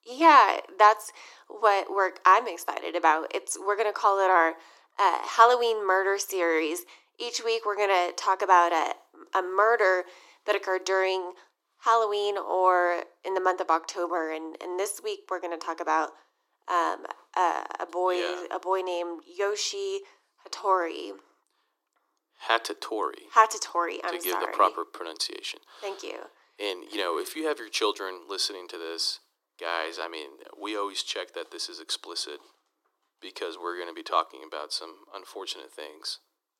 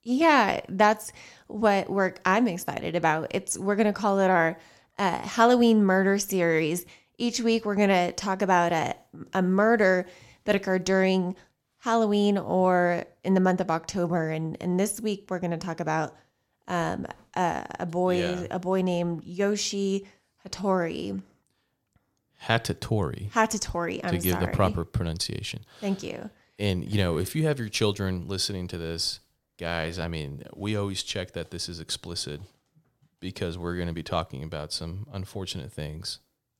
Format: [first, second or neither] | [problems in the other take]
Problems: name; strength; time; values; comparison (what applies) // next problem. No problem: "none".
second | thin; very; fading below 300 Hz